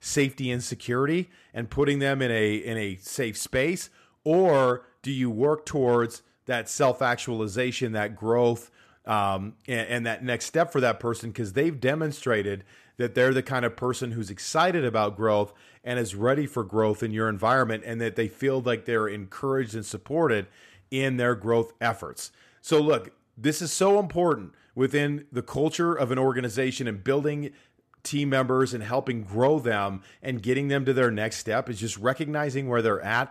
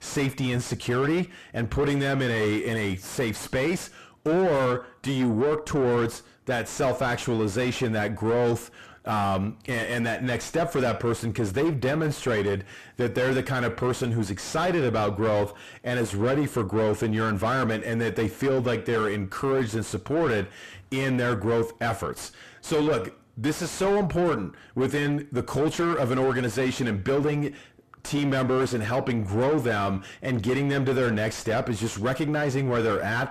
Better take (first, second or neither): first